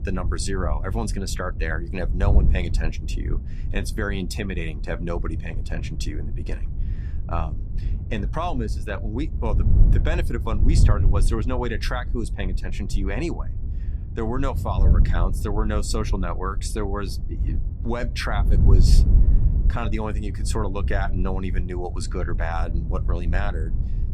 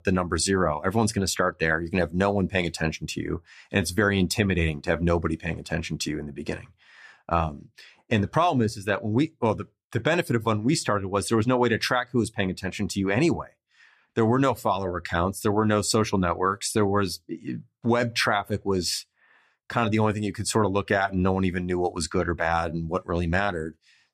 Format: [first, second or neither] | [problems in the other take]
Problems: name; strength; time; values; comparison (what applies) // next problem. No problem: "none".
second | wind noise on the microphone; occasional gusts; 10 dB below the speech